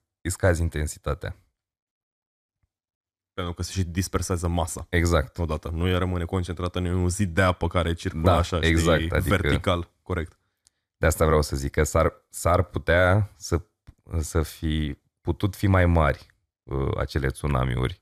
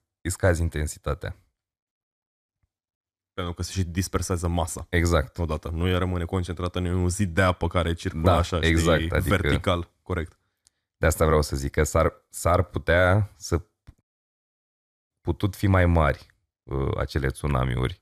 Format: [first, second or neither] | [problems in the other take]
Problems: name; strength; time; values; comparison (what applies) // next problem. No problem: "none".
first | audio cutting out; at 14 s for 1 s